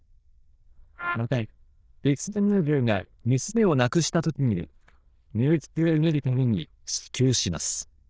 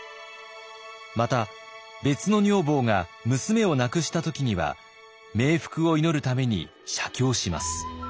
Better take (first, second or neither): second